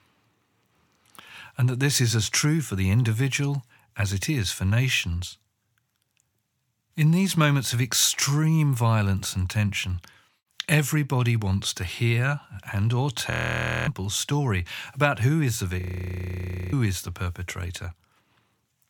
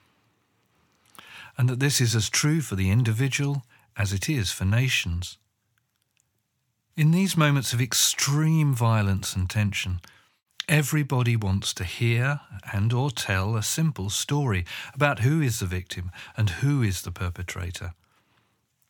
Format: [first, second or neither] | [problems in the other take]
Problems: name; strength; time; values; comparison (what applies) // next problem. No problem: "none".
second | audio freezing; at 13 s for 0.5 s and at 16 s for 1 s